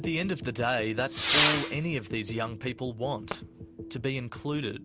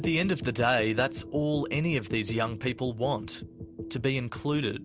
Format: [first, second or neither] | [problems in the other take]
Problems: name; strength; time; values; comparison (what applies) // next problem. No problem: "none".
second | background sound (Whoosh, swoosh, swish / Fireworks); 3 dB below the speech